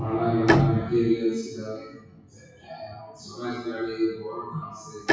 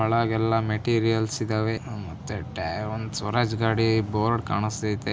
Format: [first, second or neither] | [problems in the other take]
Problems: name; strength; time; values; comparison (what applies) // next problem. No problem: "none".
second | noise reduction (classical method WPE with log-MMSE)